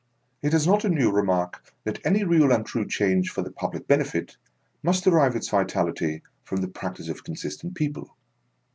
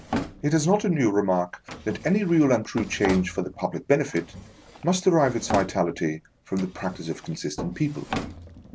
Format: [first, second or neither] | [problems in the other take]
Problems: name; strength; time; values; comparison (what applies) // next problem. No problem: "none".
first | background sound (Drawer open or close); 12 dB below the speech